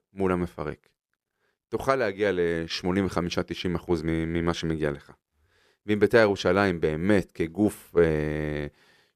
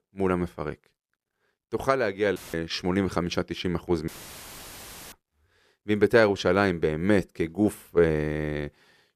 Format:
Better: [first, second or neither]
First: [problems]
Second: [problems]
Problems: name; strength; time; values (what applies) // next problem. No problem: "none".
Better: first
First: none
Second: audio cutting out; filled with static; at 2.5 s and at 4 s for 1 s